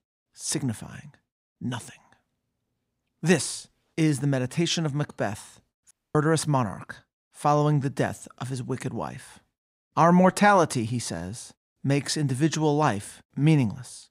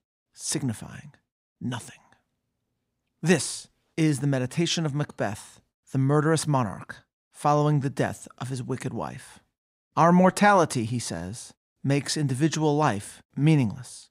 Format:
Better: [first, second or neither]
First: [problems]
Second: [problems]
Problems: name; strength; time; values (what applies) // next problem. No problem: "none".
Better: second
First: audio cutting out; at 6 s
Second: none